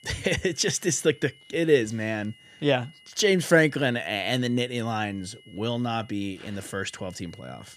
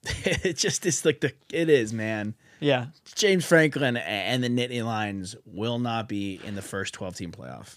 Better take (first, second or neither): second